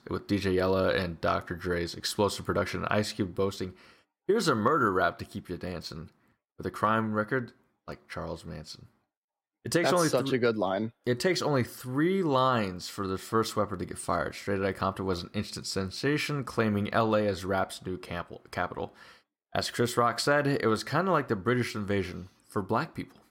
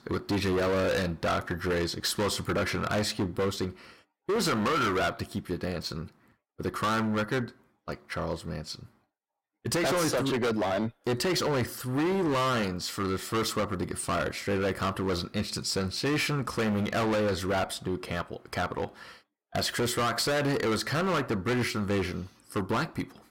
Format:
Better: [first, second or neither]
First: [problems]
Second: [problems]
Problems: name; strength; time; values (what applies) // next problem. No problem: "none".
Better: first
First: none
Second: distortion; heavy; 18% of the sound clipped